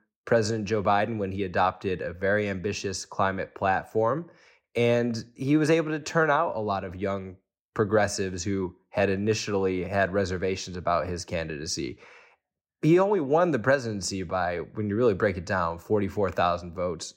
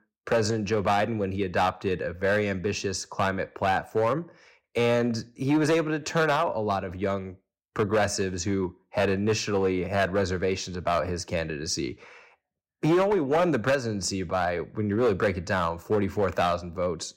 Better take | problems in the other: first | distortion; slight; 5% of the sound clipped

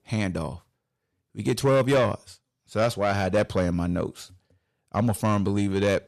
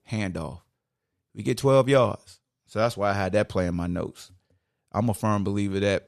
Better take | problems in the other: second | distortion; slight; 10 dB below the speech

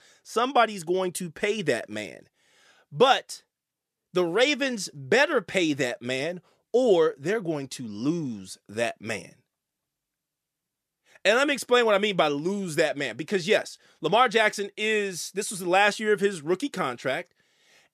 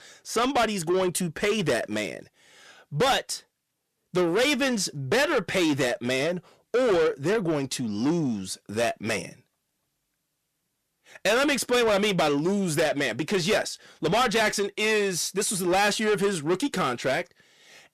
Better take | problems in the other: first | distortion; heavy; 6 dB below the speech

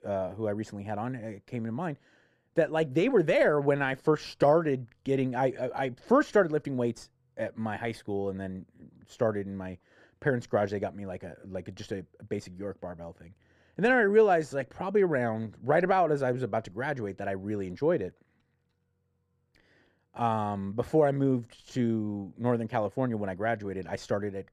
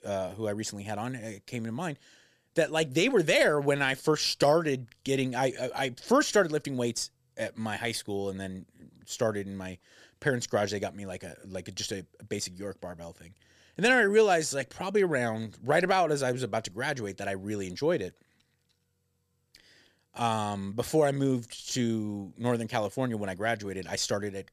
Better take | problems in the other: second | muffled; very; fading above 2.5 kHz

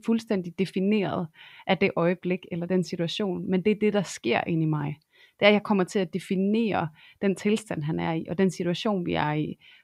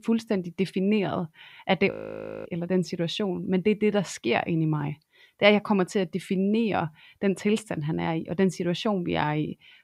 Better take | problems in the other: first | audio freezing; at 2 s for 0.5 s

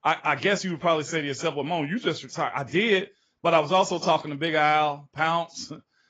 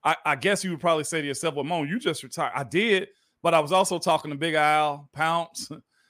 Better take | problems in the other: second | garbled, watery; badly; nothing above 7.5 kHz

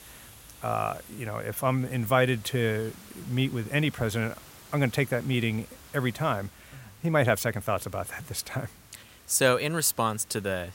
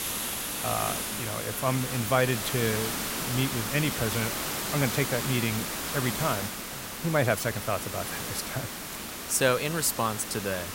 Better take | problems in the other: first | hiss; loud; throughout; 2 dB below the speech; faint in the first

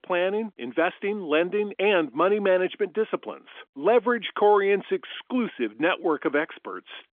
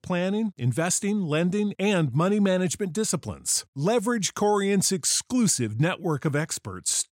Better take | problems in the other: second | phone-call audio; nothing above 3.5 kHz

